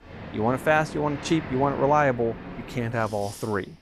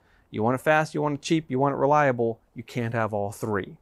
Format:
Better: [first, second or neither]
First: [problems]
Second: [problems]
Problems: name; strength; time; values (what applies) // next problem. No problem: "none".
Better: second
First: machinery noise; noticeable; throughout; 15 dB below the speech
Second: none